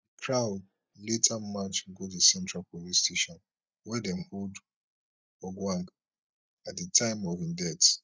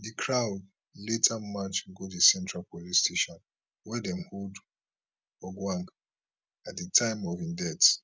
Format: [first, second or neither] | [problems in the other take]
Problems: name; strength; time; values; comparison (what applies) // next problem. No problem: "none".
second | noise reduction (neural mask model DeepFilterNet 3)